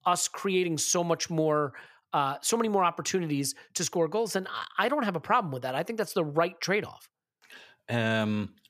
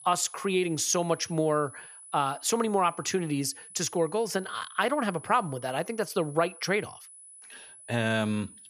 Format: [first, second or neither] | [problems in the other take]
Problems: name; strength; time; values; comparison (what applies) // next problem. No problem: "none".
first | high-pitched whine; noticeable; throughout; 10 kHz, 15 dB below the speech